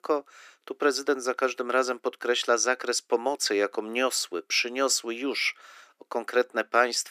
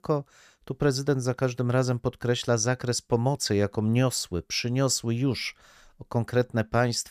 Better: second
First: thin; somewhat; fading below 300 Hz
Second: none

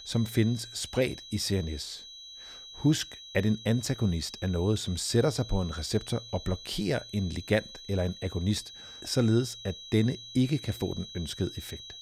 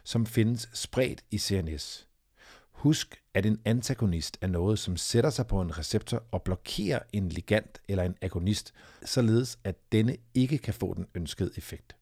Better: second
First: high-pitched whine; noticeable; throughout; 4 kHz, 15 dB below the speech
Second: none

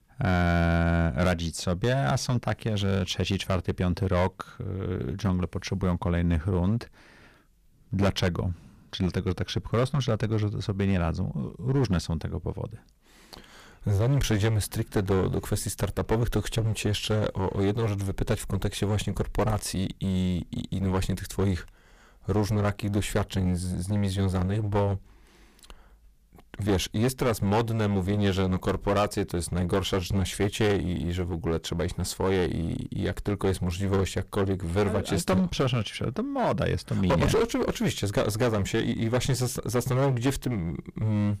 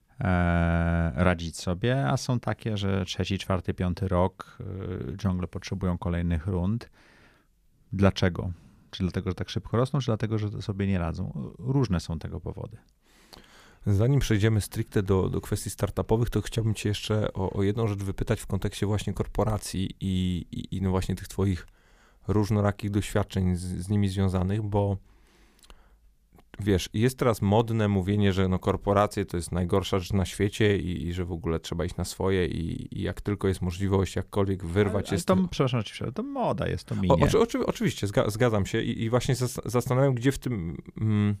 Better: second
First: distortion; heavy; 12% of the sound clipped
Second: none

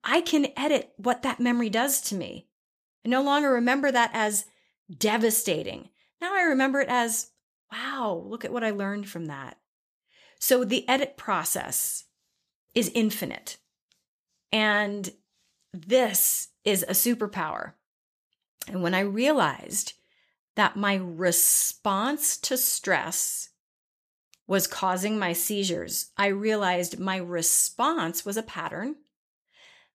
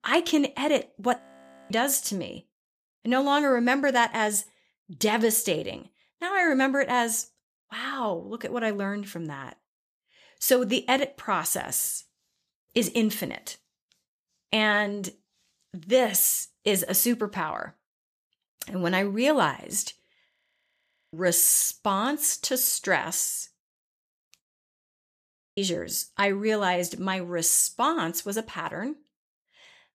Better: first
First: none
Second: audio freezing; at 1 s for 0.5 s, at 20 s for 1 s and at 24 s for 1 s

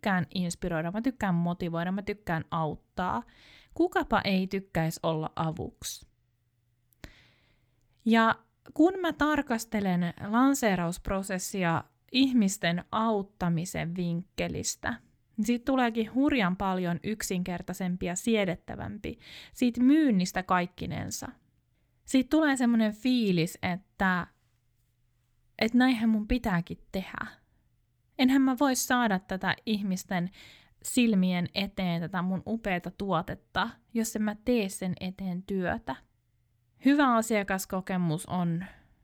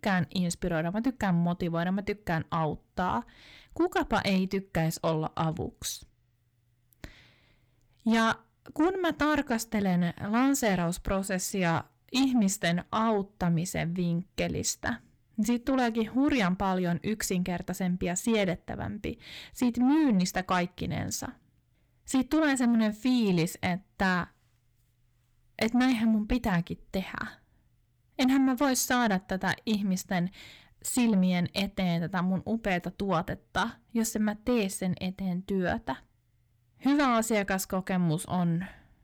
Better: first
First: none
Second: distortion; slight; 10 dB below the speech

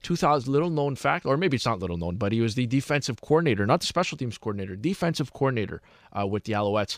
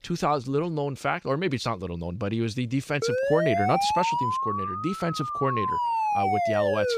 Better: first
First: none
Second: siren; loud; from 3 s on; peak 4 dB above the speech

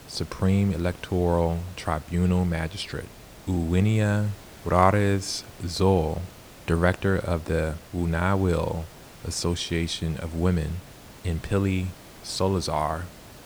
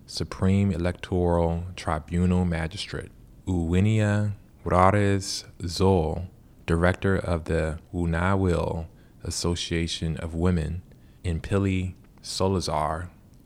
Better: second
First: hiss; faint; throughout; 20 dB below the speech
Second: none

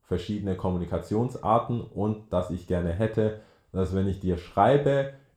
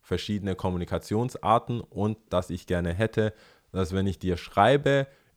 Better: second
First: room echo; very slight; dies away in 0.4 s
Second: none

